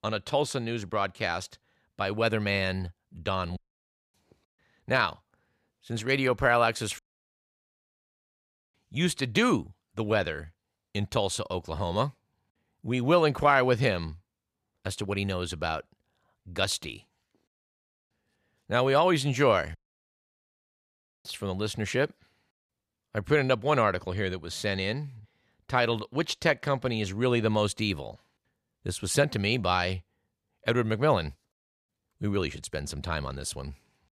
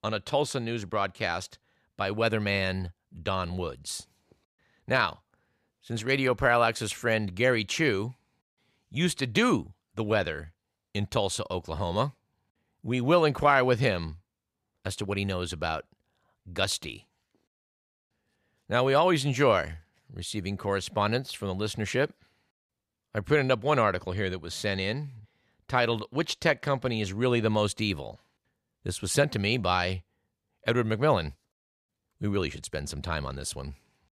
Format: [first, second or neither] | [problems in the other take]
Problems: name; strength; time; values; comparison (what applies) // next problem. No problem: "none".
second | audio cutting out; at 3.5 s for 0.5 s, at 7 s for 2 s and at 20 s for 1.5 s